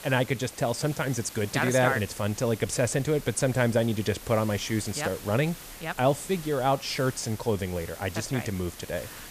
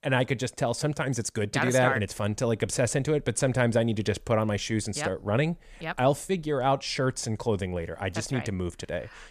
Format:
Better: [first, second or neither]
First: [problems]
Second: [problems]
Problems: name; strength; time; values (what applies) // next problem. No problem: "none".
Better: second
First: hiss; noticeable; throughout; 15 dB below the speech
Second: none